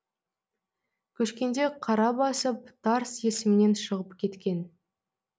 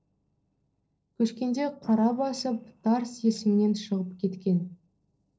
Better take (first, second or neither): first